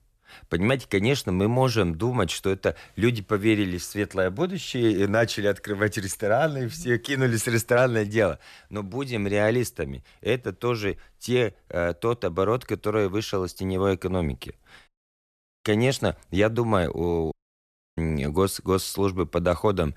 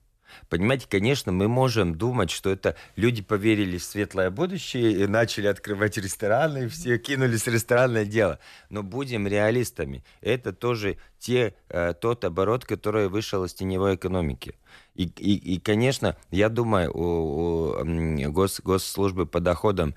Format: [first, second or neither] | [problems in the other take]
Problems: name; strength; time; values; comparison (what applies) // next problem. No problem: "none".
second | audio cutting out; at 15 s for 1 s and at 17 s for 0.5 s